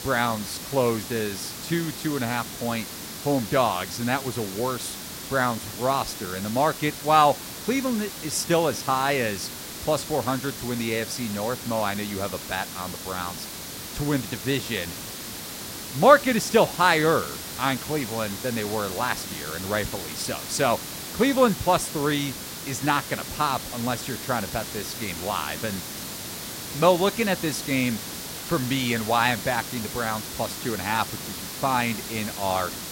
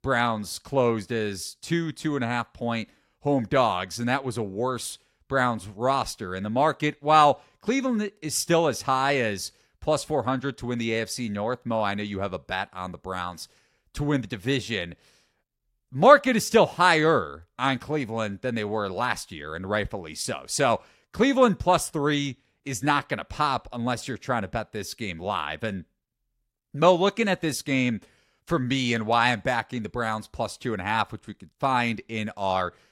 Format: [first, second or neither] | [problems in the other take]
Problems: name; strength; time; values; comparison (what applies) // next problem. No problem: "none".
second | hiss; loud; throughout; 8 dB below the speech